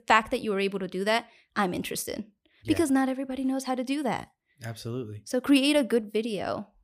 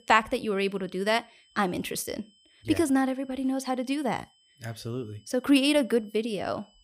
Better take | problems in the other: first | high-pitched whine; faint; throughout; 3 kHz, 35 dB below the speech

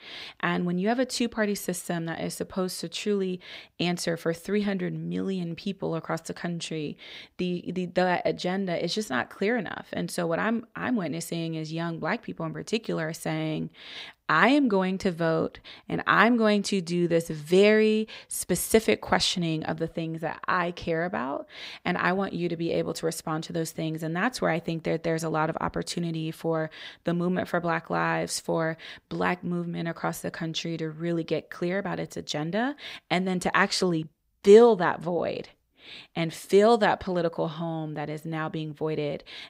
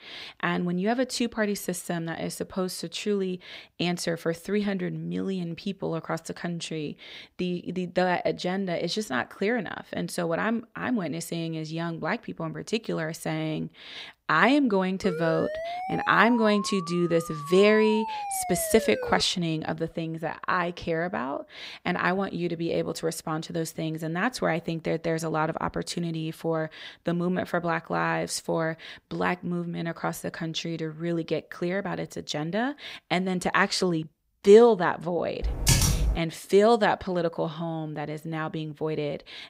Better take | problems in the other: first | siren; noticeable; from 15 to 19 s; peak 6 dB below the speech // keyboard typing; loud; at 35 s; peak 6 dB above the speech

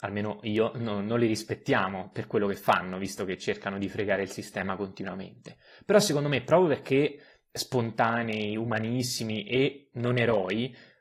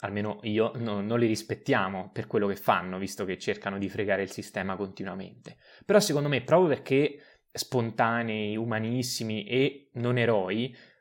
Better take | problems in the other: second | garbled, watery; slightly; nothing above 14.5 kHz

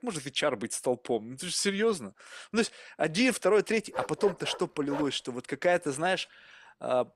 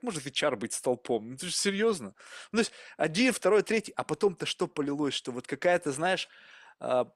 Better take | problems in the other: second | dog barking; noticeable; from 4 to 5 s; peak 8 dB below the speech

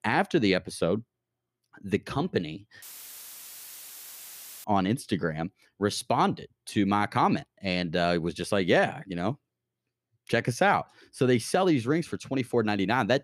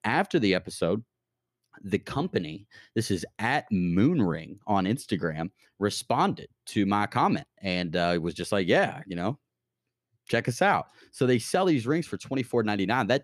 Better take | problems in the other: second | audio cutting out; filled with static; at 3 s for 2 s

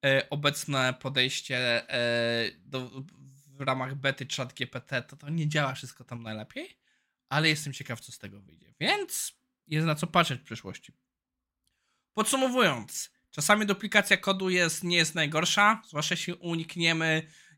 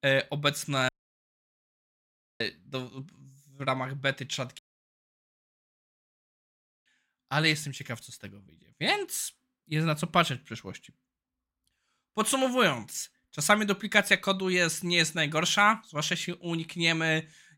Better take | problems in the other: first | audio cutting out; at 1 s for 1.5 s and at 4.5 s for 2.5 s

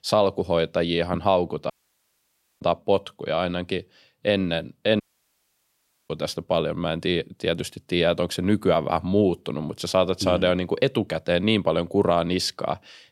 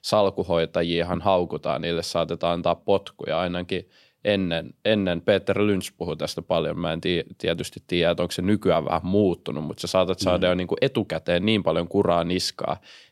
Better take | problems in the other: second | audio cutting out; at 1.5 s for 1 s and at 5 s for 1 s

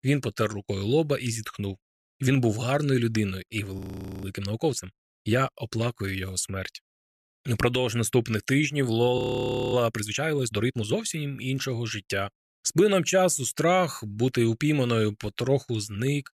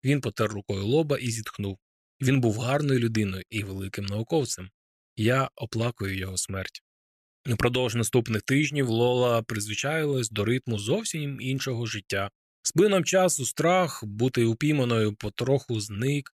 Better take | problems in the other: second | audio freezing; at 4 s and at 9 s for 0.5 s

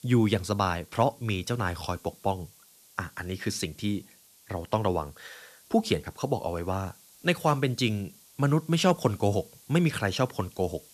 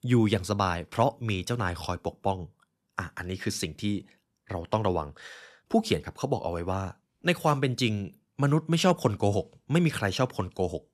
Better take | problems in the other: second | hiss; faint; throughout; 25 dB below the speech

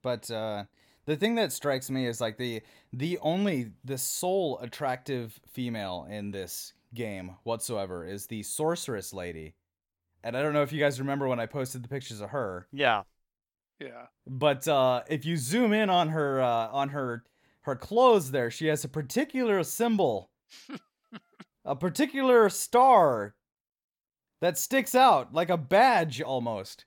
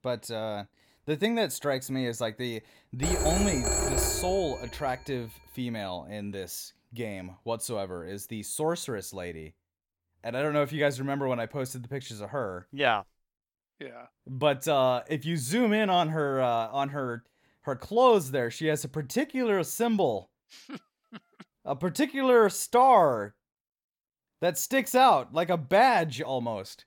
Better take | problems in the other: first | phone ringing; loud; from 3 to 5 s; peak 1 dB above the speech

